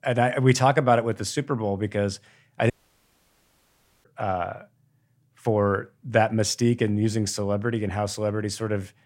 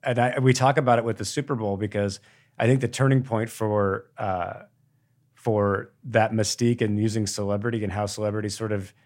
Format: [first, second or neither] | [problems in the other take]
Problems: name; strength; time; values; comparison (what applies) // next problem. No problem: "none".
second | audio cutting out; at 2.5 s for 1.5 s